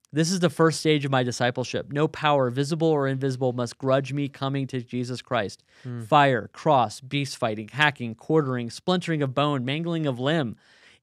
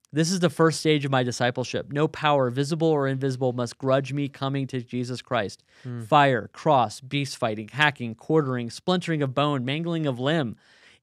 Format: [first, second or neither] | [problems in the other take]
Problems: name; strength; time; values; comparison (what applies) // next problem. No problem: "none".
neither | none